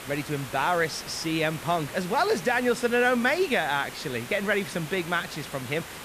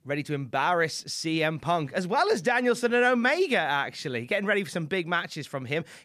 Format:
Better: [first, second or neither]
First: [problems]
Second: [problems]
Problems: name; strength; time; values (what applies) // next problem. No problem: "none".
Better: second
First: hiss; noticeable; throughout; 10 dB below the speech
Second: none